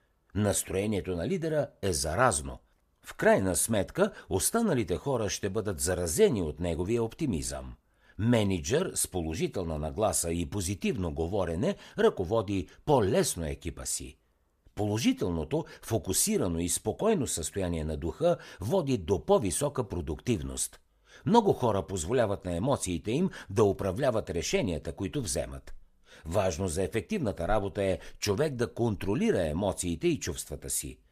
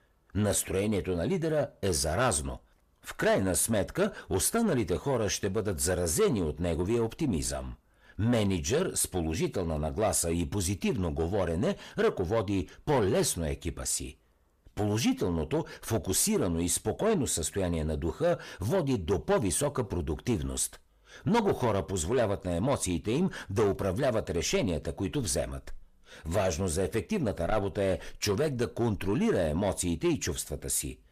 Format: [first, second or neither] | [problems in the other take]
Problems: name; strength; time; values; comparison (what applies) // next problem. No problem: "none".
first | distortion; slight; 10 dB below the speech